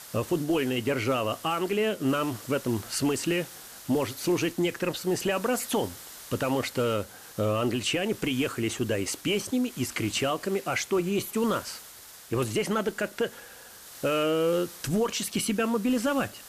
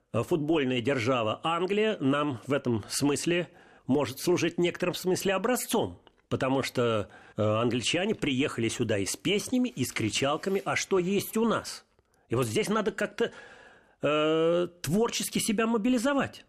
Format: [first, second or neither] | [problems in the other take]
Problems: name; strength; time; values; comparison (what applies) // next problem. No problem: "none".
second | hiss; noticeable; throughout; 15 dB below the speech